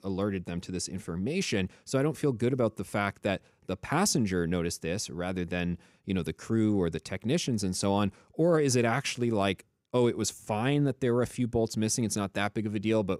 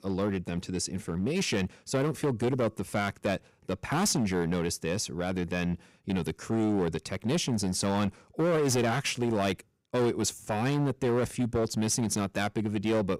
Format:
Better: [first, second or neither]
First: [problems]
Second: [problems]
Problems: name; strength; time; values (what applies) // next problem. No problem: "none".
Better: first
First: none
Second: distortion; slight; 11% of the sound clipped